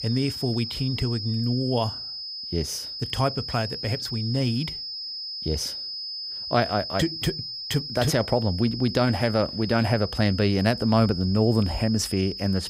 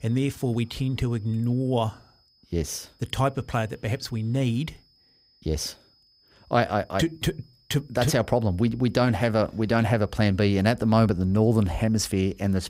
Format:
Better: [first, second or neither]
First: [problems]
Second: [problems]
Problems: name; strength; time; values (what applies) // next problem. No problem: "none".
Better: second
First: high-pitched whine; loud; throughout; 5 kHz, 7 dB below the speech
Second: high-pitched whine; faint; throughout; 5 kHz, 35 dB below the speech